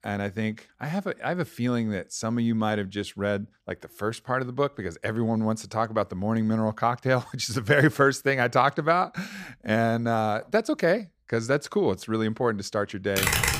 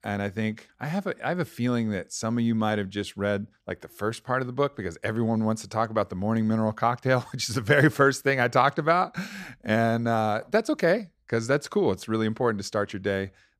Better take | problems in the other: second | keyboard typing; loud; at 13 s; peak 4 dB above the speech

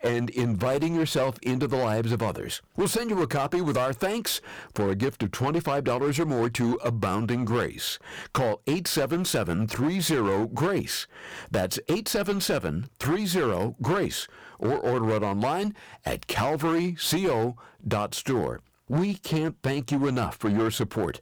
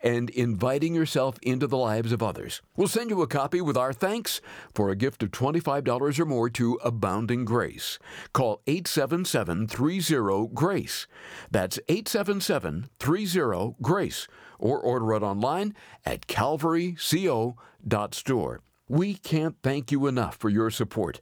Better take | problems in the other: second | distortion; slight; 14% of the sound clipped

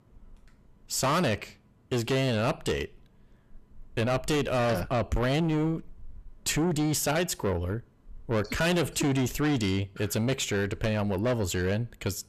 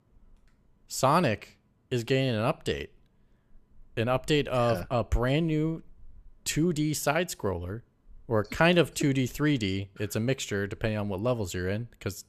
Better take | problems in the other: second | distortion; heavy; 7 dB below the speech

